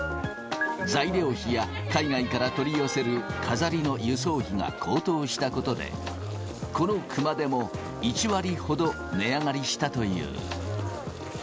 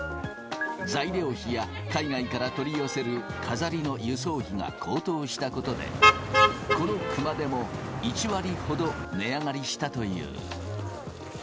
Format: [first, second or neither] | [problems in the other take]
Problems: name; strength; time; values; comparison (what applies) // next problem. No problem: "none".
first | background sound (Motor vehicle (road)); 4 dB above the speech